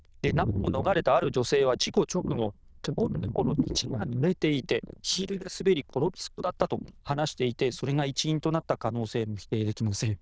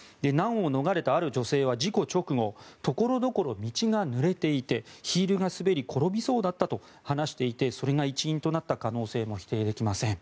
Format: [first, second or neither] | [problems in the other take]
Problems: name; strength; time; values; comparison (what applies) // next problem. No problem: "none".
second | noise reduction (neural diffusion model UNIVERSE++)